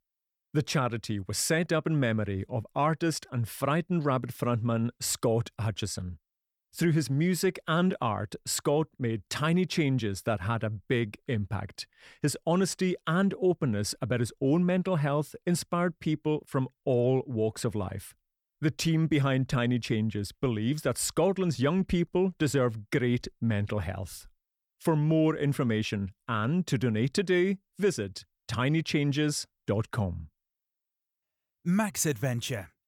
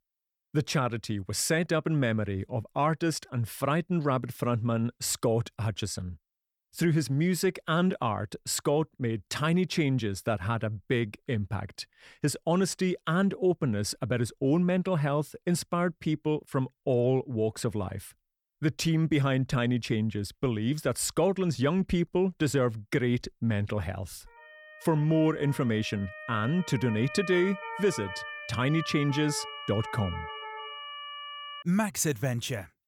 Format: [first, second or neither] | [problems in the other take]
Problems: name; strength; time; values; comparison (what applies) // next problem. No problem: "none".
first | siren; noticeable; from 24 to 32 s; peak 8 dB below the speech